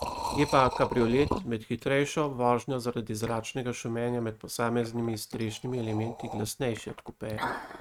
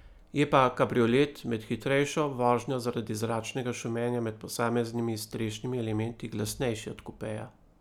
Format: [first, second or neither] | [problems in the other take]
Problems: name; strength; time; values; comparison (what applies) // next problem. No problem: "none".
second | noise reduction (neural mask model RNNoise)